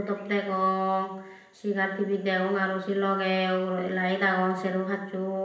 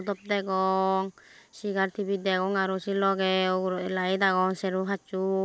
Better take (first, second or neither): second